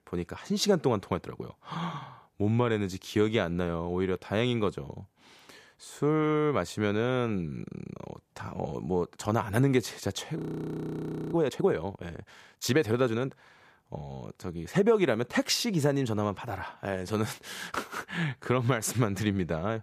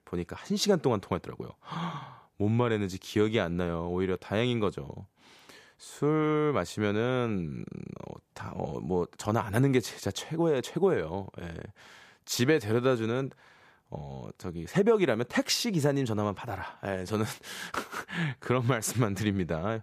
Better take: second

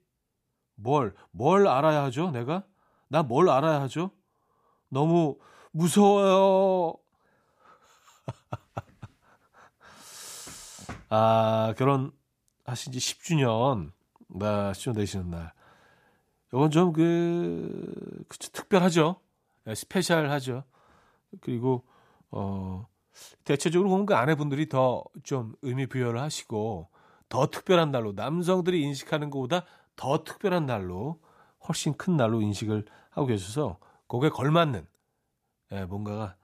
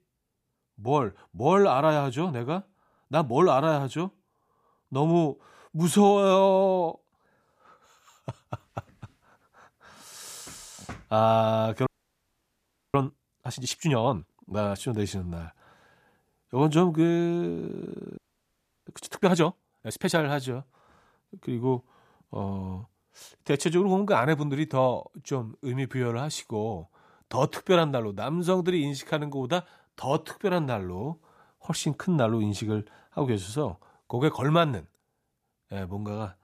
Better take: first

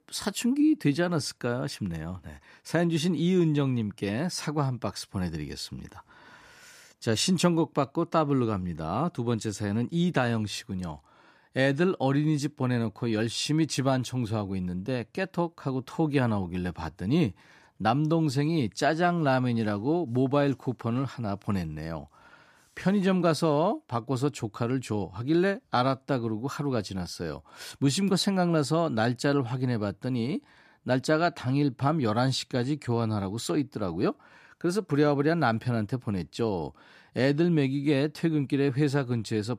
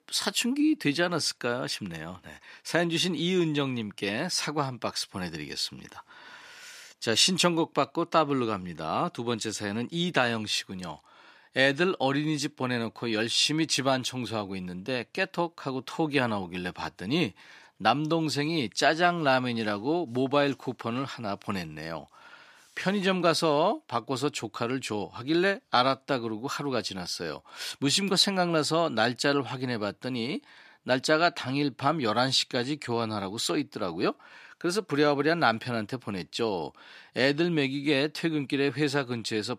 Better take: first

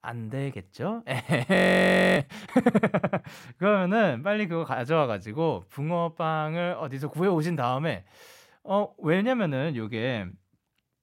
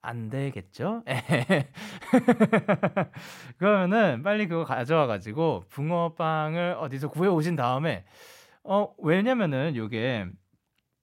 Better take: second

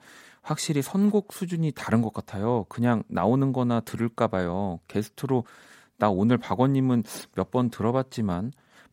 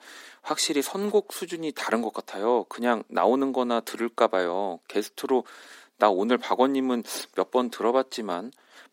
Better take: first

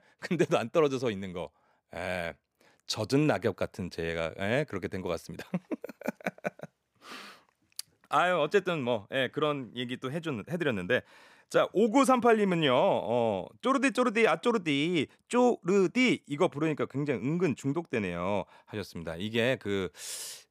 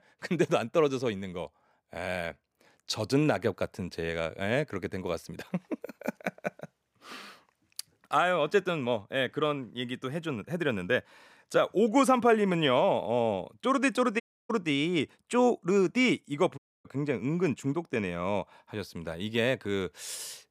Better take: first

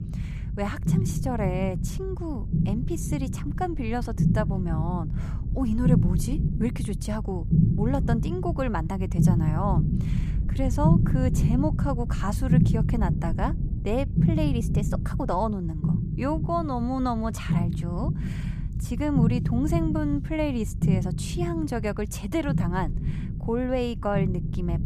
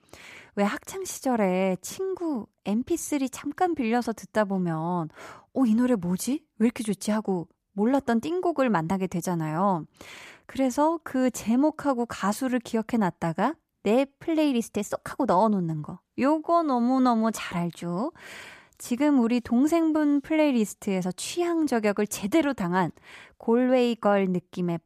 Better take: second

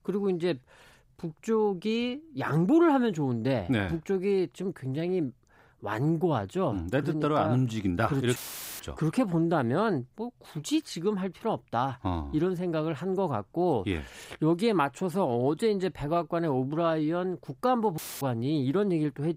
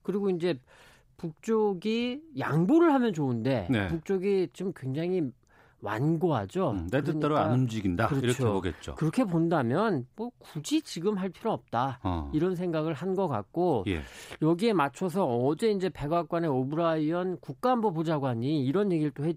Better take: second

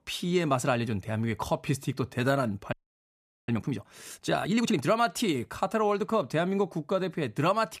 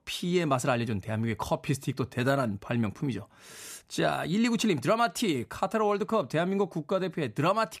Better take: second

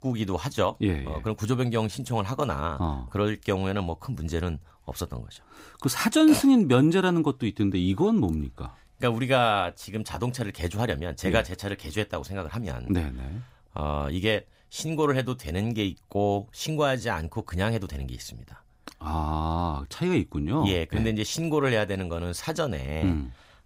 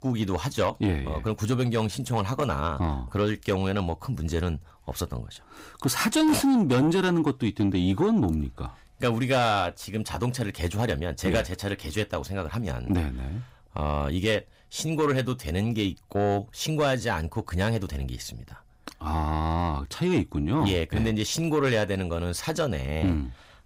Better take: first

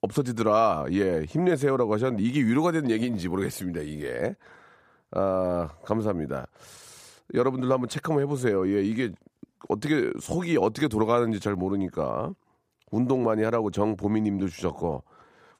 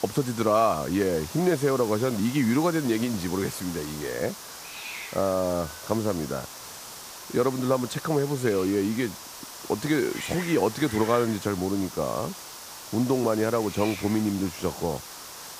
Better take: first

